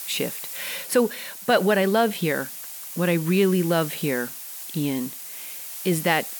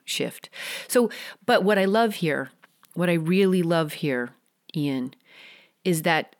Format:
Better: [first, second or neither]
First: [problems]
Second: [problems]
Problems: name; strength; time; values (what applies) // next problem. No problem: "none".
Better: second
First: hiss; loud; throughout; 10 dB below the speech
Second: none